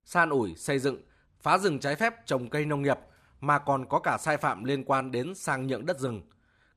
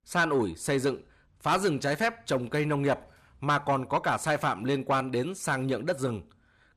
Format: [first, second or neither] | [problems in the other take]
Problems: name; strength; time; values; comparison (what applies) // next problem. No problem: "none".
first | distortion; slight; 10 dB below the speech